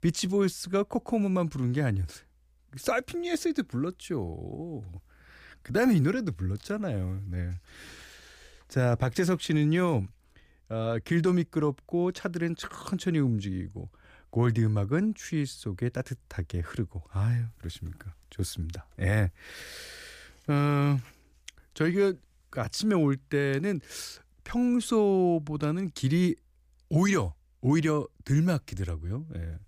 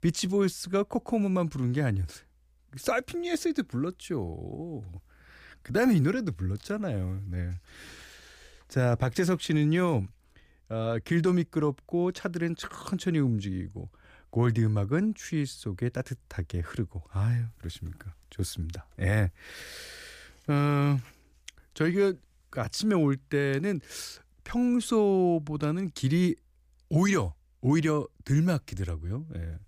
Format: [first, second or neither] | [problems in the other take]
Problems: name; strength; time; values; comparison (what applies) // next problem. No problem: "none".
neither | none